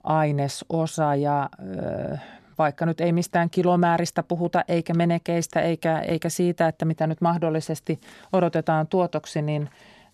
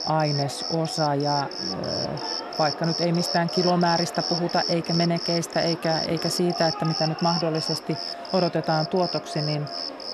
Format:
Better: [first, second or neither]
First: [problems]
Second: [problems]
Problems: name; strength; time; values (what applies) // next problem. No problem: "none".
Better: first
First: none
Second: animal sounds; loud; throughout; 3 dB below the speech